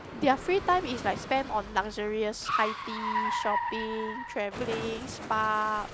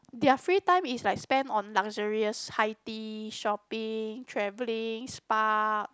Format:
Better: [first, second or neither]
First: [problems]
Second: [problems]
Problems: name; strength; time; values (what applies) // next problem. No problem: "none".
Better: second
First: background sound (Car); 5 dB below the speech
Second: none